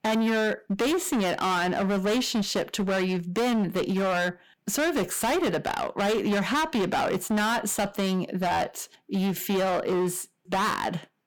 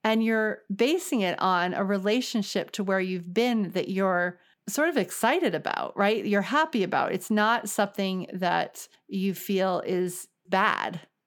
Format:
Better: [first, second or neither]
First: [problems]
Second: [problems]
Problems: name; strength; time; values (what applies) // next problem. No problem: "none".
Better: second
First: distortion; heavy; 26% of the sound clipped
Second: none